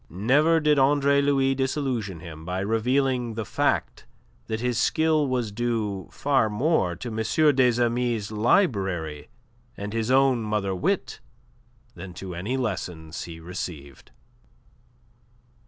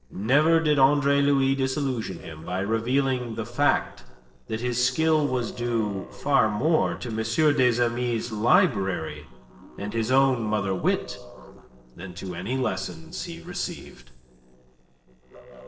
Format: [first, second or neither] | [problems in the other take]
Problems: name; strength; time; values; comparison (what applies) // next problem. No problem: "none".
first | noise reduction (neural separator model SepFormer DNS4)